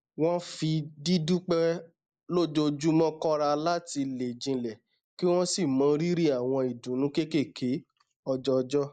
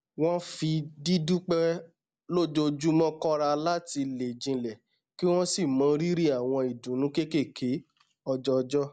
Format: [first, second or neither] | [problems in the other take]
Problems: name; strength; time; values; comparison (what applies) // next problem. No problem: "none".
second | noise reduction (neural mask model Resemble Enhance denoiser)